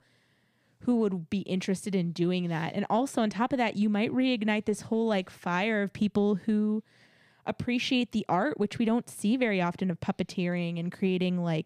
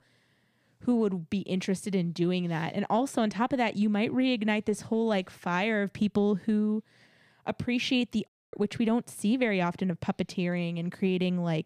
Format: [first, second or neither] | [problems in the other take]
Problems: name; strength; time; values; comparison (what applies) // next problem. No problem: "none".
first | audio cutting out; at 8.5 s